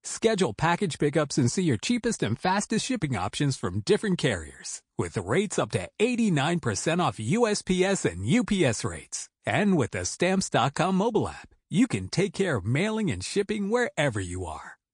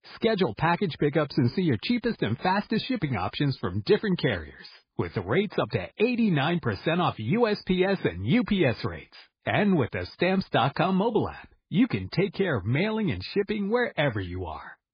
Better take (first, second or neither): first